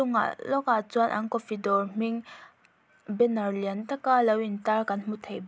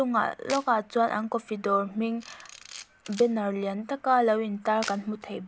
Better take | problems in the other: first | background sound (Camera); 19 dB below the speech

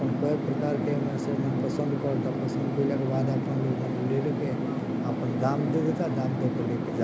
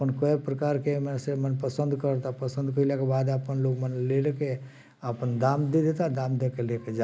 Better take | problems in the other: second | background sound (Fixed-wing aircraft, airplane); as loud as the speech

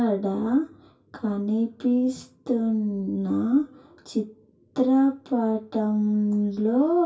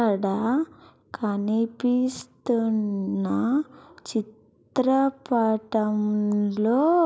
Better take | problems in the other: second | room echo; dies away in 0.2 s

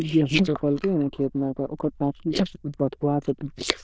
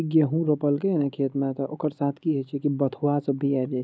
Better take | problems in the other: second | noise reduction (neural diffusion model UNIVERSE++)

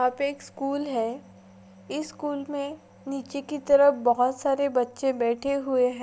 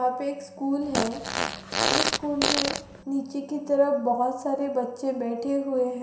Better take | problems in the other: first | background sound (Fart); as loud as the speech // room echo; dies away in 0.7 s

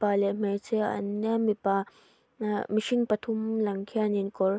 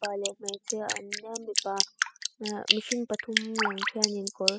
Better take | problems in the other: first | noise reduction (classical method spectral subtraction)

